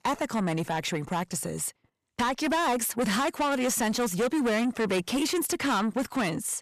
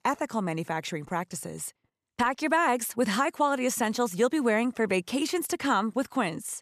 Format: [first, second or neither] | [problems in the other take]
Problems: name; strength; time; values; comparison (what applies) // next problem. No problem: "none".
second | distortion; heavy; 7 dB below the speech